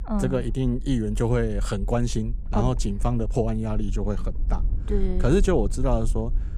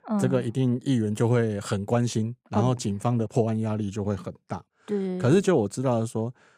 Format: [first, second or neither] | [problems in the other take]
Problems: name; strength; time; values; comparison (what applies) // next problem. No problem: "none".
second | low rumble; faint; throughout; 20 dB below the speech